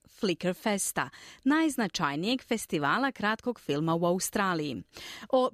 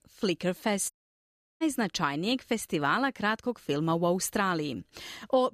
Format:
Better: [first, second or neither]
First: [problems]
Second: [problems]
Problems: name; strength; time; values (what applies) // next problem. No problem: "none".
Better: first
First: none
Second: audio cutting out; at 1 s for 0.5 s